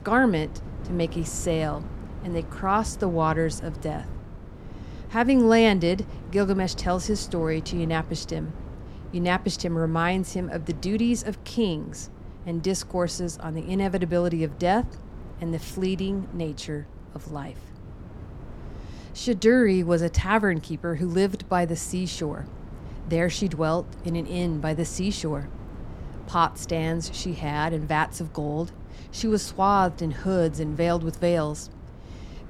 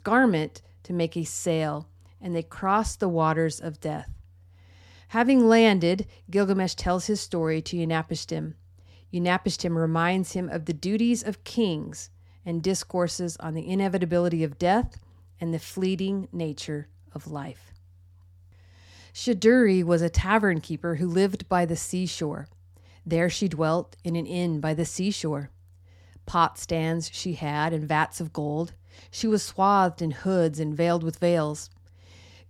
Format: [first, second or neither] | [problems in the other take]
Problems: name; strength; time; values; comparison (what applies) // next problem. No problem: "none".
second | wind noise on the microphone; occasional gusts; 20 dB below the speech